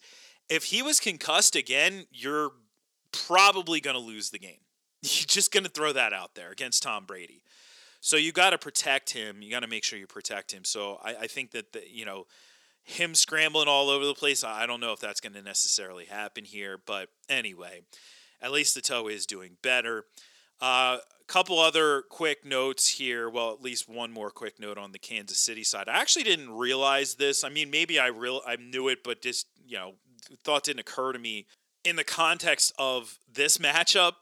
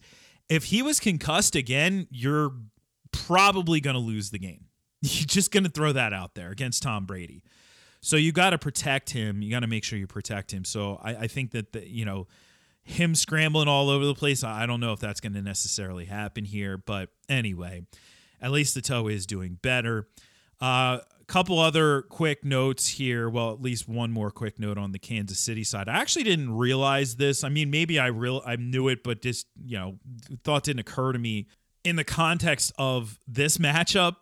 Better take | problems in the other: second | thin; very; fading below 350 Hz

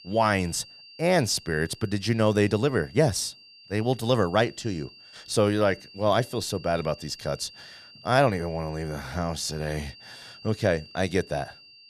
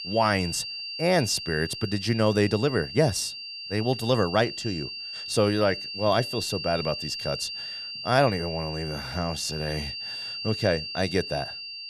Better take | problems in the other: first | high-pitched whine; loud; throughout; 4.5 kHz, 7 dB below the speech; faint in the first

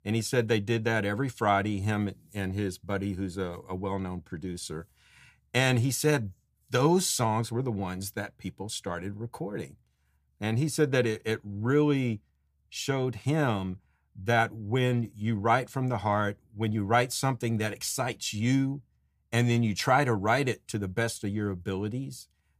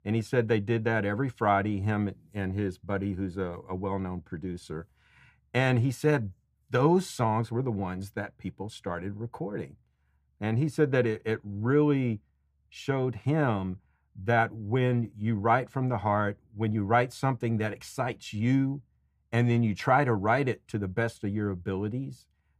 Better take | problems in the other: first | muffled; slightly; fading above 3 kHz

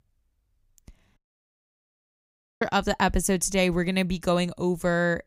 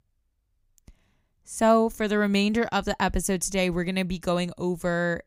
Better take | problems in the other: second | audio cutting out; at 1 s for 1.5 s

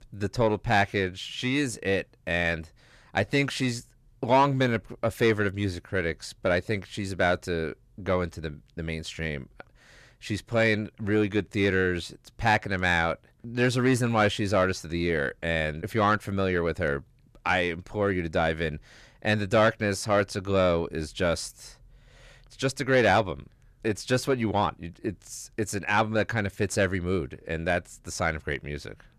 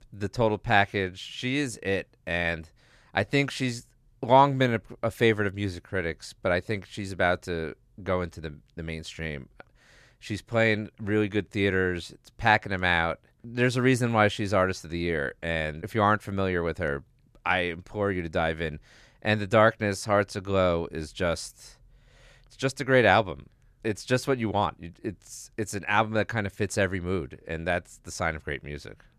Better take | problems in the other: second | distortion; slight; 10 dB below the speech

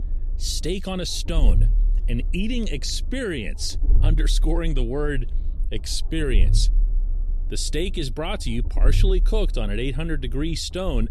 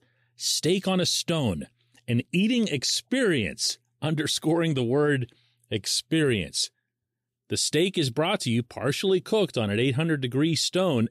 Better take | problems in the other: second | low rumble; noticeable; throughout; 20 dB below the speech

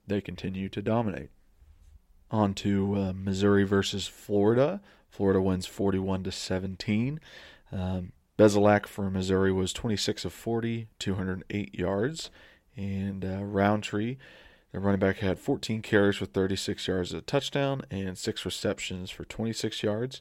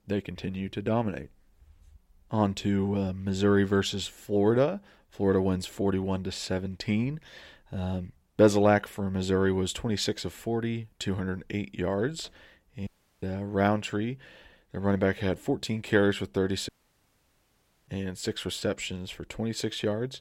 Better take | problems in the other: first | audio cutting out; at 13 s and at 17 s for 1 s

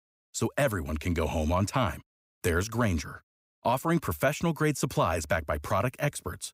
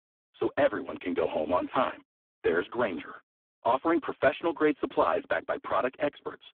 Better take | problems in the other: first | phone-call audio; poor line

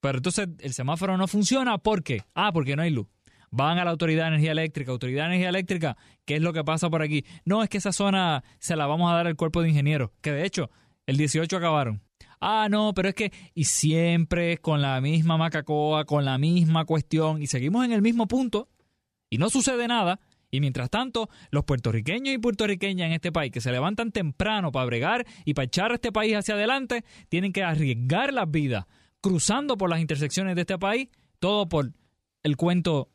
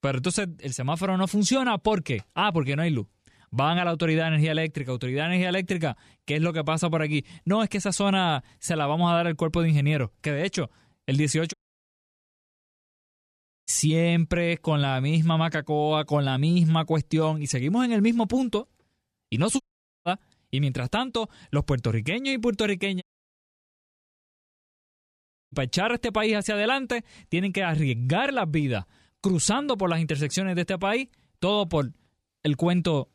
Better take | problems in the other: first | audio cutting out; at 12 s for 2 s, at 20 s and at 23 s for 2.5 s

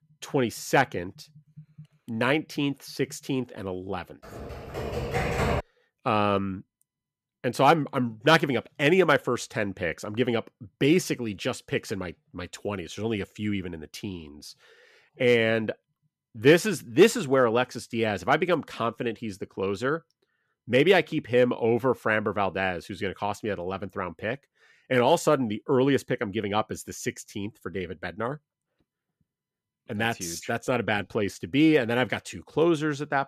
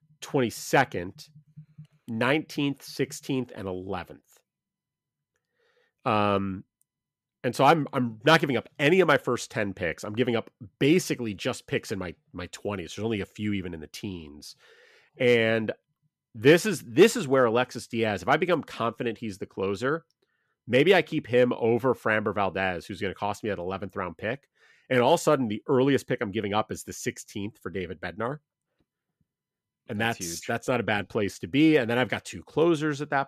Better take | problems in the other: second | keyboard typing; noticeable; from 4.5 to 5.5 s; peak level with the speech

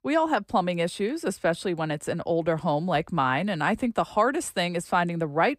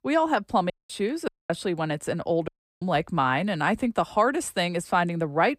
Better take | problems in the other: first | audio cutting out; at 0.5 s, at 1.5 s and at 2.5 s

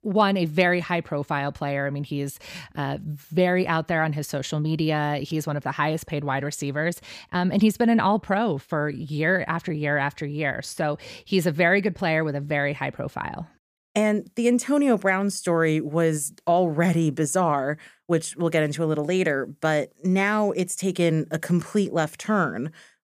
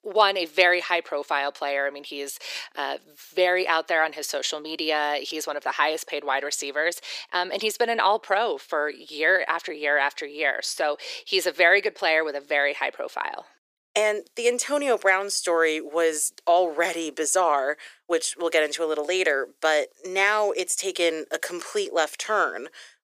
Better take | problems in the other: first | thin; very; fading below 400 Hz

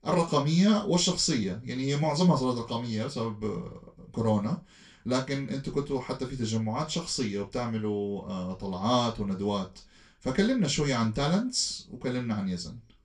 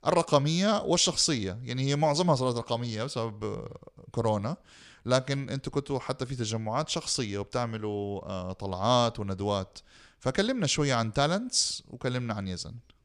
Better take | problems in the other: second | room echo; slight; dies away in 0.2 s // off-mic speech; far

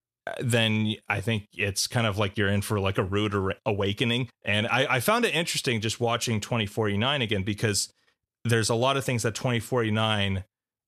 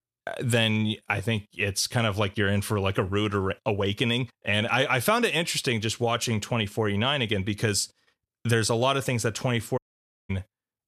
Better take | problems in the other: first | audio cutting out; at 10 s for 0.5 s

